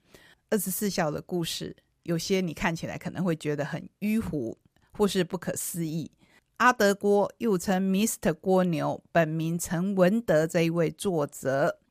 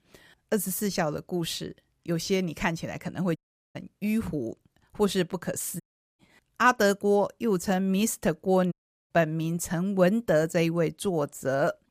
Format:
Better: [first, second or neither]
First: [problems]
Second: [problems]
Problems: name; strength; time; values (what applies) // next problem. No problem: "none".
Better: first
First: none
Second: audio cutting out; at 3.5 s, at 6 s and at 8.5 s